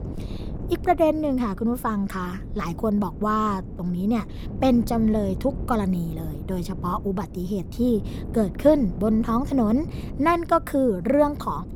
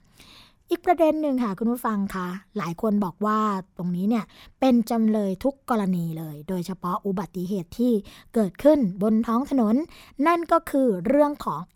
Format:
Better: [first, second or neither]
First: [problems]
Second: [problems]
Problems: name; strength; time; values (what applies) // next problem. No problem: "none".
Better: second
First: wind noise on the microphone; occasional gusts; 20 dB below the speech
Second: none